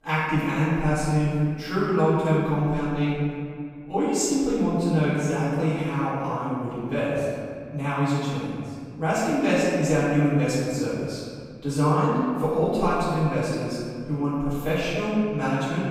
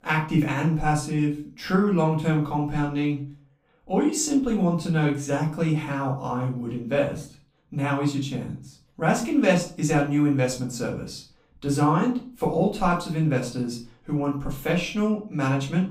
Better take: second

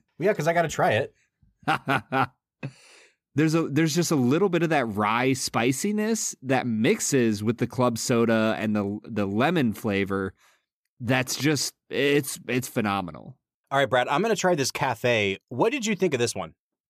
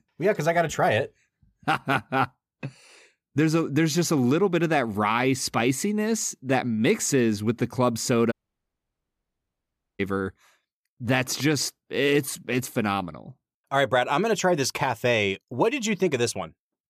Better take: first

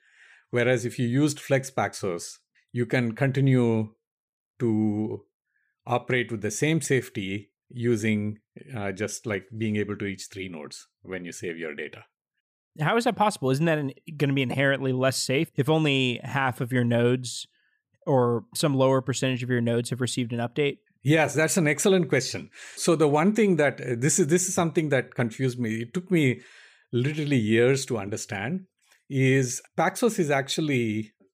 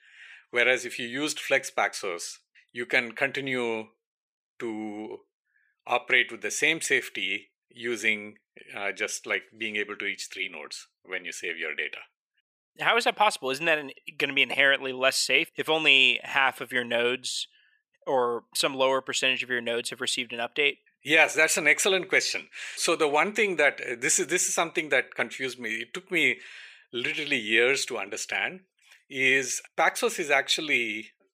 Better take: first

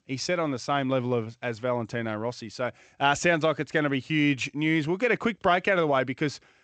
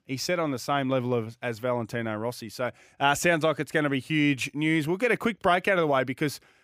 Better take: second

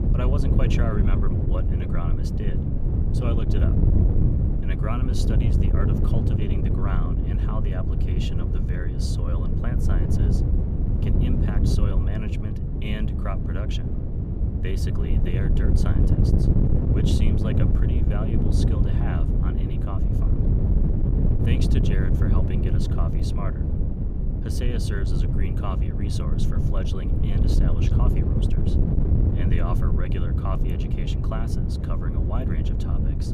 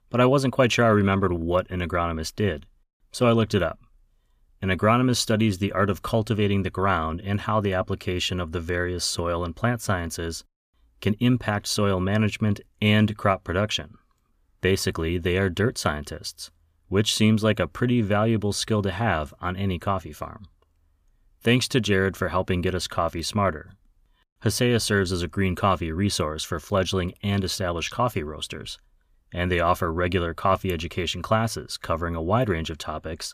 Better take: second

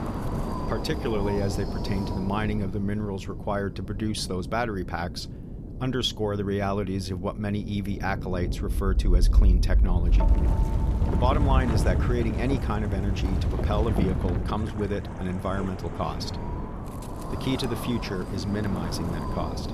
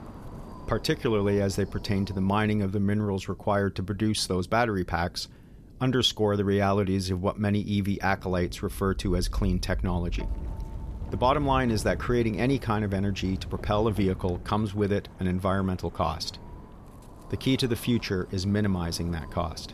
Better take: second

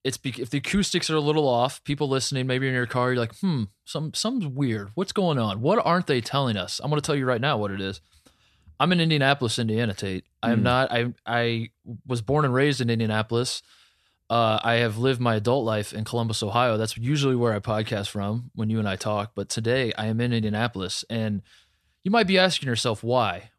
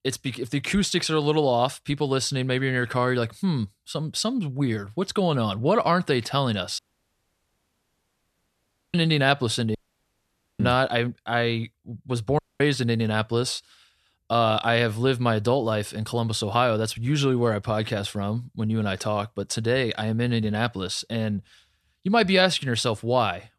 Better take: first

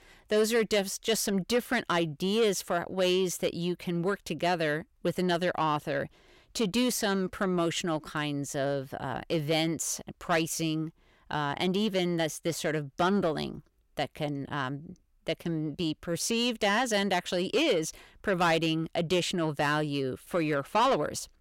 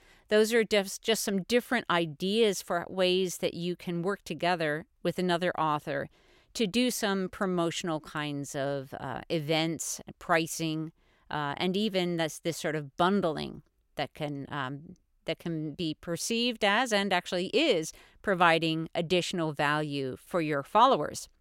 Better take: second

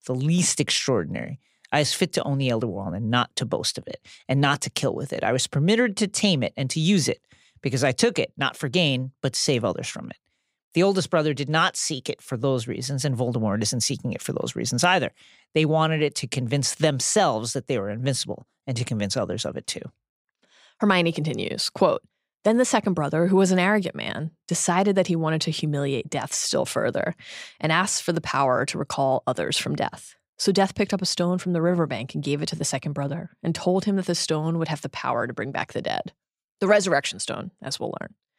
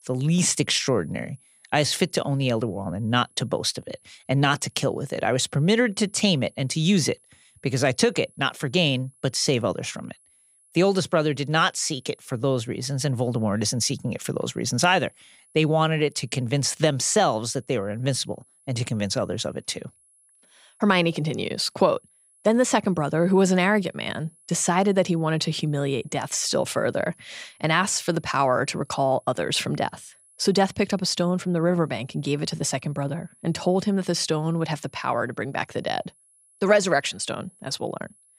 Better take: first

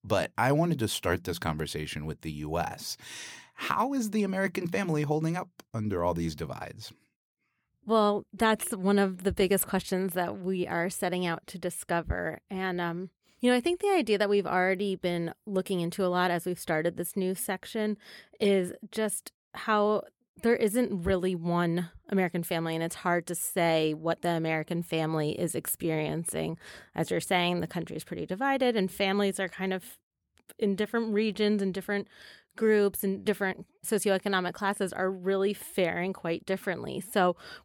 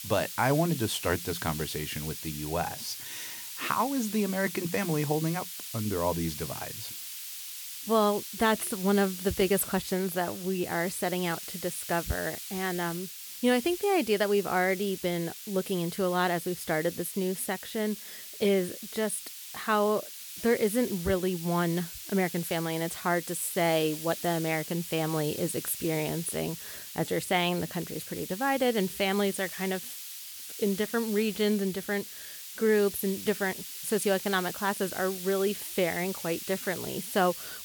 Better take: first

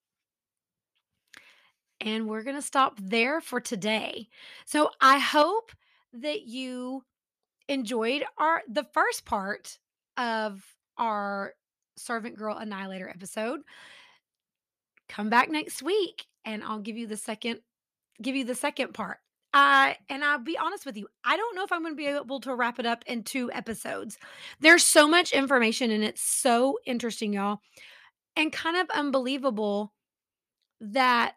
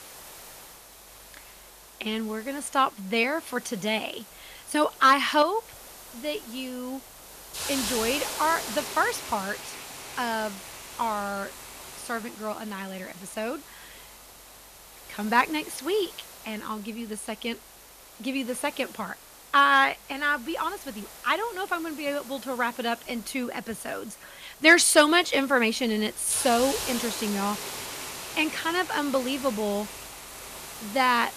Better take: first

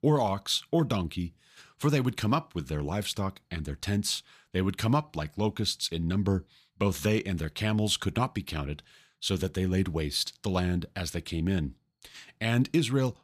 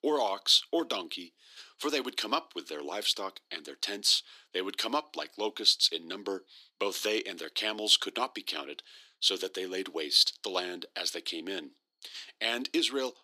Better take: first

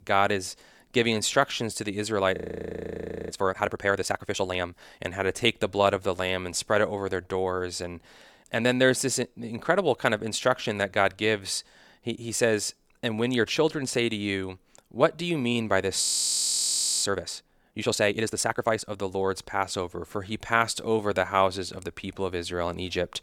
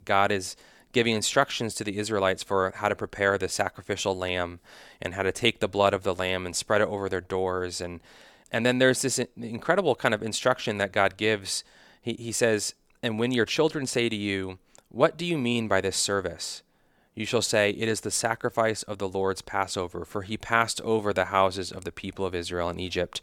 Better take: second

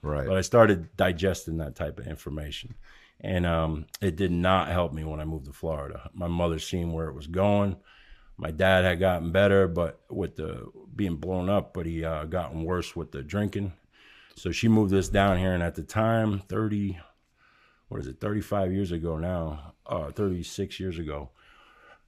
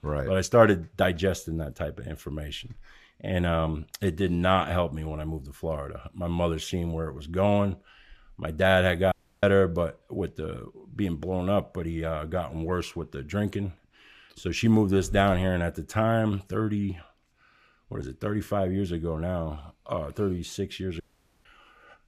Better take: first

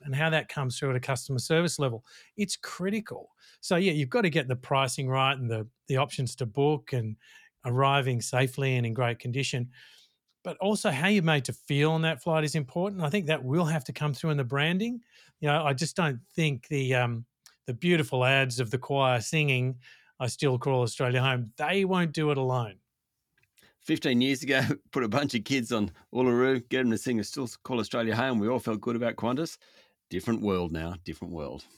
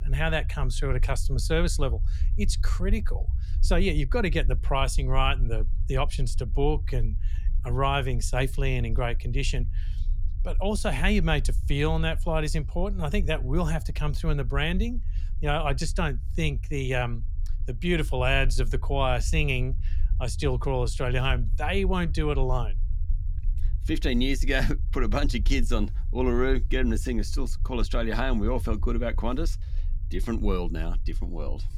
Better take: first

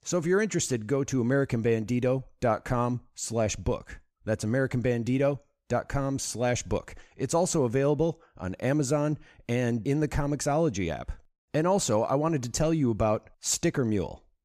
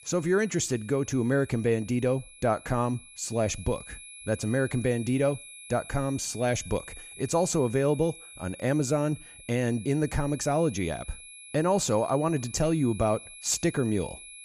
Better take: first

